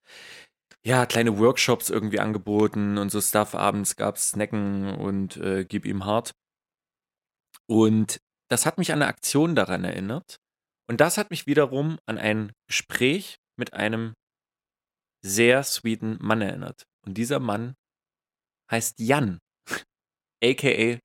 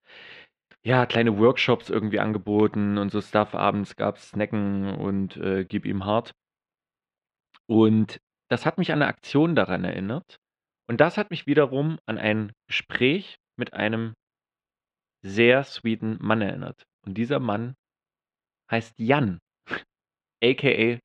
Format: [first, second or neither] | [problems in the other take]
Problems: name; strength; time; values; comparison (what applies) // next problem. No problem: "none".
first | muffled; very; fading above 3.5 kHz